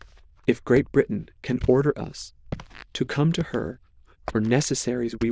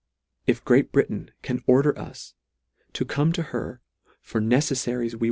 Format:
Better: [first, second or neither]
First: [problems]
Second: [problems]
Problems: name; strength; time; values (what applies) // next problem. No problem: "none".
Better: second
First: noise reduction (neural diffusion model UNIVERSE++)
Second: none